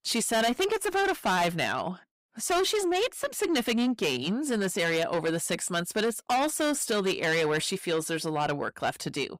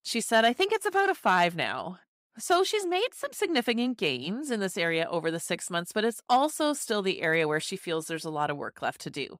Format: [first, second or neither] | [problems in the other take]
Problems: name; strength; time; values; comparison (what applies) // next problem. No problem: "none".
second | distortion; heavy; 7 dB below the speech